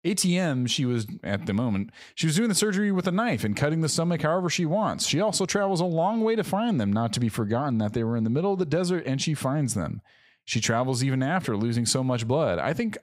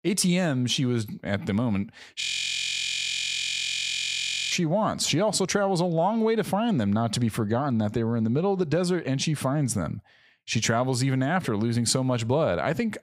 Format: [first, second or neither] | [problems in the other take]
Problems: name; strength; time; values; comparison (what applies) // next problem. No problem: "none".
first | audio freezing; at 2 s for 2.5 s